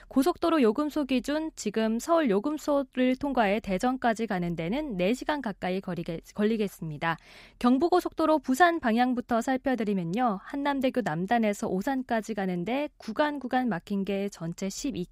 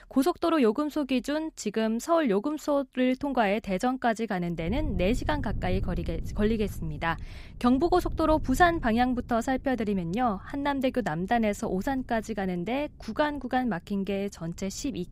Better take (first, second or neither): first